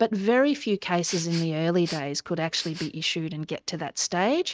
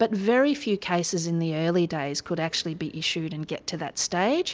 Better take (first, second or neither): second